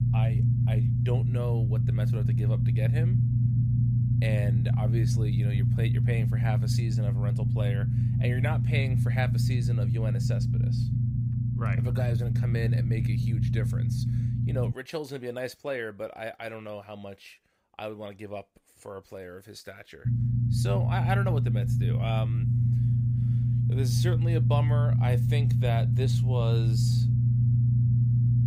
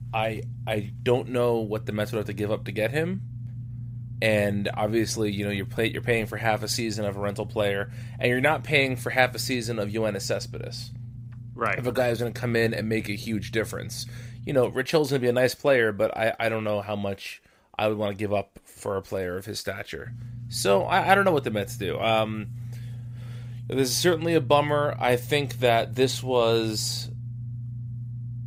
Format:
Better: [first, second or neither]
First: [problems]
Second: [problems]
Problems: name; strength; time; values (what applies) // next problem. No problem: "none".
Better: second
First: low rumble; loud; until 15 s and from 20 s on; 1 dB below the speech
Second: low rumble; faint; until 15 s and from 20 s on; 25 dB below the speech